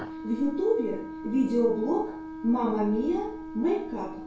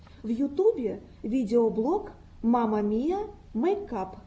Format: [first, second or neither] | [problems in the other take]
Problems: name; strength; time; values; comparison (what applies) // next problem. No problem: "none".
second | background sound (Wind instrument, woodwind instrument); 11 dB below the speech // room echo; dies away in 0.4 s